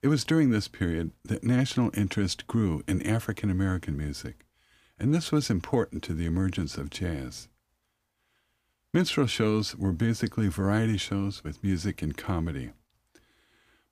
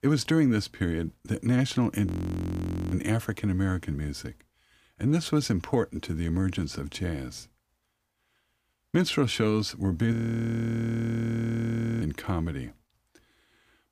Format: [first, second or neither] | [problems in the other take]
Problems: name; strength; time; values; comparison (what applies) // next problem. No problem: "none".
first | audio freezing; at 2 s for 1 s and at 10 s for 2 s